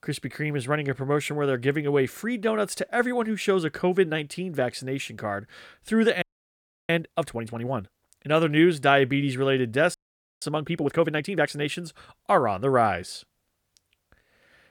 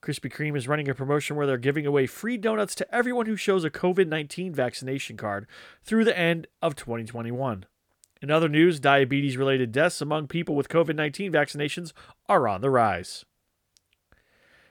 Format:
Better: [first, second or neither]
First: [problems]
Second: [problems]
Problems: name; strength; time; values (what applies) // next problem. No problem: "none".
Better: second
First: audio freezing; at 6 s for 0.5 s and at 10 s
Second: none